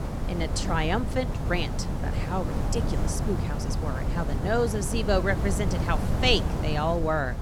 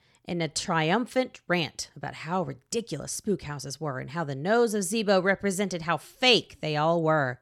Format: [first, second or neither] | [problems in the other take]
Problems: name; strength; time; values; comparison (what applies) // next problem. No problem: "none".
second | wind noise on the microphone; heavy; 7 dB below the speech